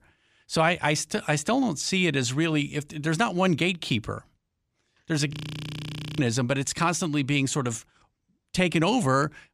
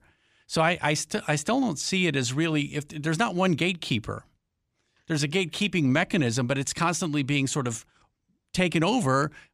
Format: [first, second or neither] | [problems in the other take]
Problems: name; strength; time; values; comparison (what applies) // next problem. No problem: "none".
second | audio freezing; at 5.5 s for 1 s